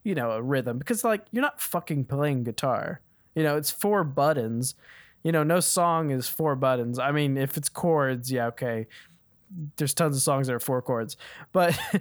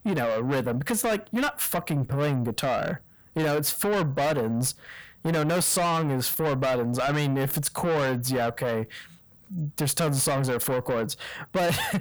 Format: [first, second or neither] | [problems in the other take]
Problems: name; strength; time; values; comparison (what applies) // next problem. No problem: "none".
first | distortion; heavy; 6 dB below the speech